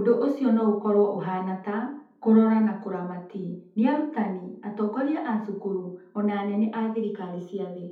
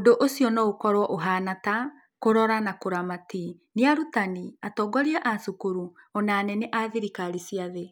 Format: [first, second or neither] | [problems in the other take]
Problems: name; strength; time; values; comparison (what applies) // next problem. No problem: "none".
second | room echo; dies away in 0.6 s